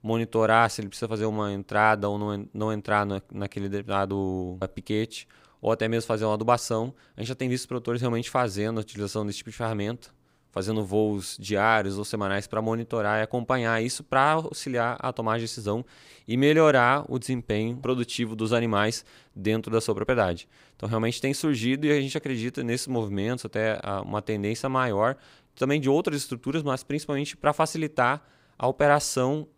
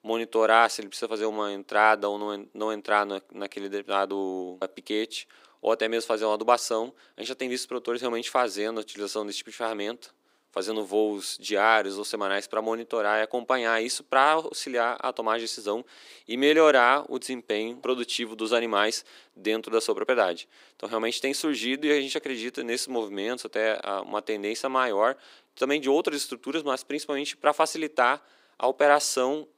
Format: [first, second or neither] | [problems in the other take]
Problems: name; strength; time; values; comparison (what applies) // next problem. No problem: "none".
first | thin; somewhat; fading below 300 Hz